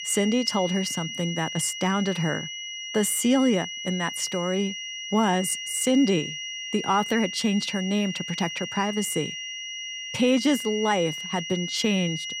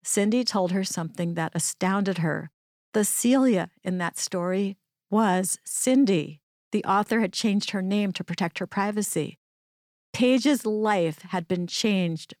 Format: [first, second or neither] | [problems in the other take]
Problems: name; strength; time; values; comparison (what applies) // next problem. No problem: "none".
second | high-pitched whine; loud; throughout; 3 kHz, 7 dB below the speech